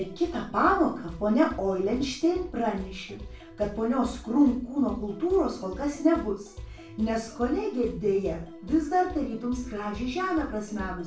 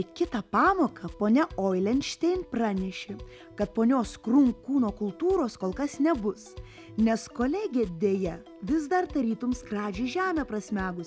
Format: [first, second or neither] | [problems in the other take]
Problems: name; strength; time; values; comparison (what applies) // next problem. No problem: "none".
second | room echo; dies away in 0.3 s